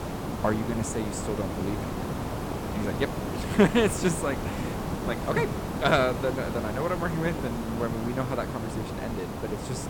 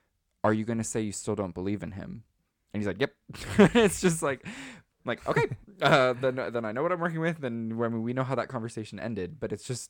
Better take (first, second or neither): second